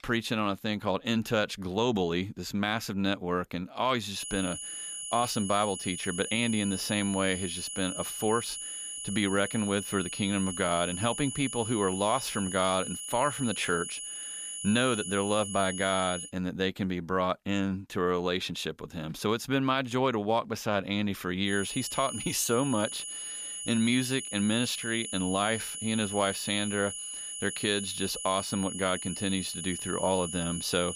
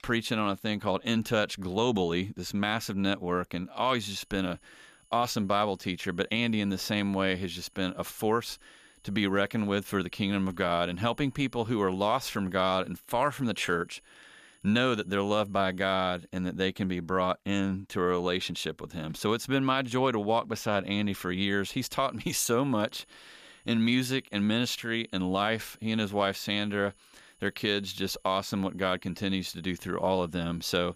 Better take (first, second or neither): second